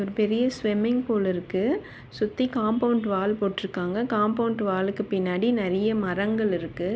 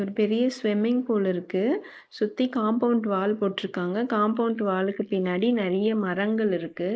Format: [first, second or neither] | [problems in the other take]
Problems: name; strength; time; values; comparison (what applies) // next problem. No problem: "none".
first | noise reduction (neural mask model Resemble Enhance denoiser)